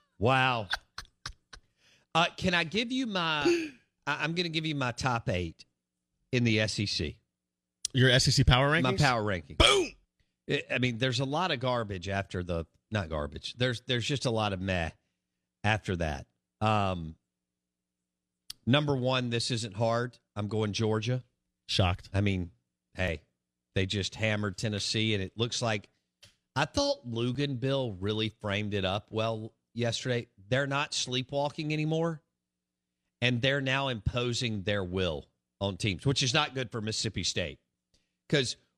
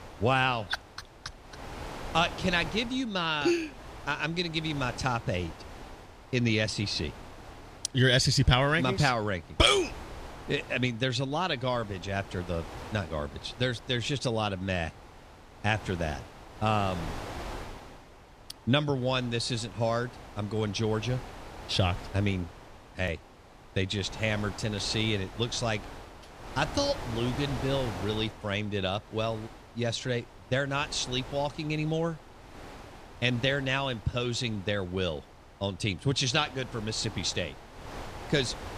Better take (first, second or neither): first